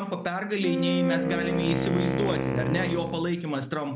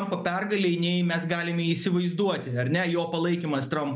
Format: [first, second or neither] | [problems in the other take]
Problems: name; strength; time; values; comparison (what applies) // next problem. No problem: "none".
second | background sound (Wind instrument, woodwind instrument); 1 dB below the speech